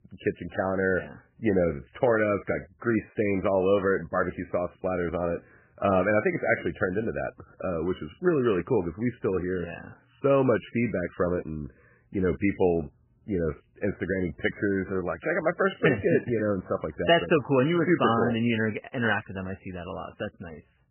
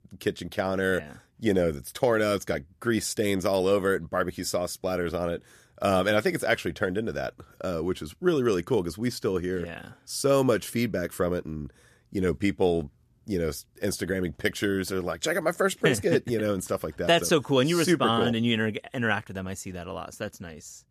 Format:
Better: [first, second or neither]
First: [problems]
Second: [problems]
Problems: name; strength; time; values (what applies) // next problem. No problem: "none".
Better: second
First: garbled, watery; badly; nothing above 3 kHz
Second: none